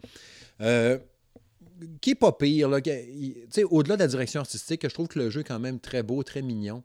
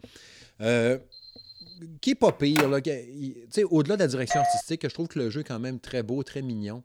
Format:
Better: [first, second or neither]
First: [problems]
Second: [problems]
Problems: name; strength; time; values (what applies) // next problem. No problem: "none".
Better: first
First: none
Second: alarm; faint; at 1 s; peak 15 dB below the speech // phone ringing; noticeable; at 2.5 s; peak 1 dB below the speech // doorbell; loud; at 4.5 s; peak 2 dB above the speech